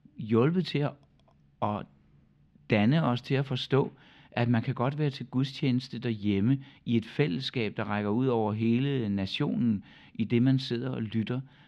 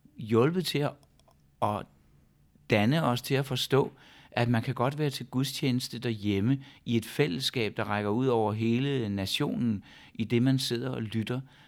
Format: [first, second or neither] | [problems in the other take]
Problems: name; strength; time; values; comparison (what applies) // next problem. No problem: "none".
second | muffled; very slightly; fading above 3.5 kHz